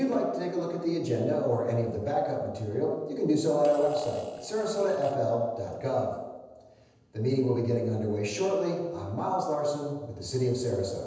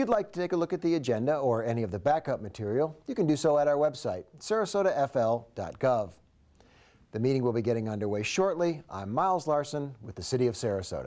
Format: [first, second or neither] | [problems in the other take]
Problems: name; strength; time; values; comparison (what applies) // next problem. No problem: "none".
second | noise reduction (neural separator model SepFormer DNS4)